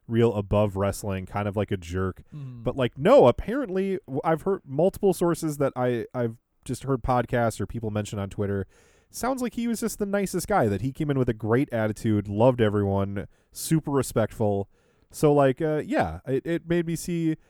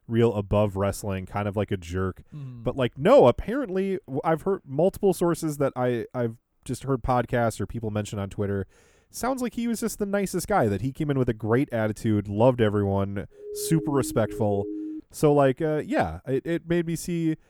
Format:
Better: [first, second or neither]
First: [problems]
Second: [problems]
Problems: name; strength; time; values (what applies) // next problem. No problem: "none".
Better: first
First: none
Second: siren; noticeable; from 13 to 15 s; peak 8 dB below the speech